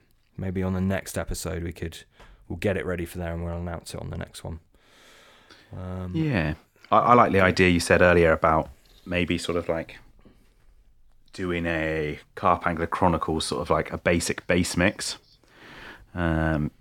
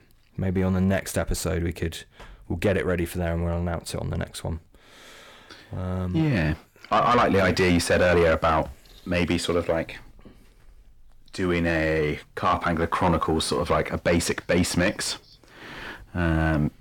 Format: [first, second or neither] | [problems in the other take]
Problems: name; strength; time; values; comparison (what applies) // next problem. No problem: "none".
first | distortion; heavy; 6 dB below the speech